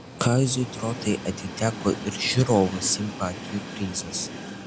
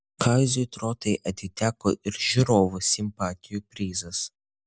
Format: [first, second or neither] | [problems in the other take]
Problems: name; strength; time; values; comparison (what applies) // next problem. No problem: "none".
second | background sound (Train); 10 dB below the speech